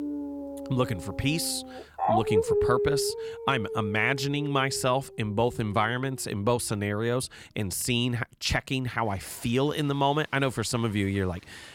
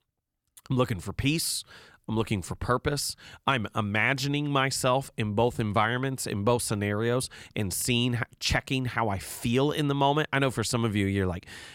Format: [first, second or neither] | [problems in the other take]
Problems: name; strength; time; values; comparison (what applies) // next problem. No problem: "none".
second | animal sounds; loud; throughout; 3 dB below the speech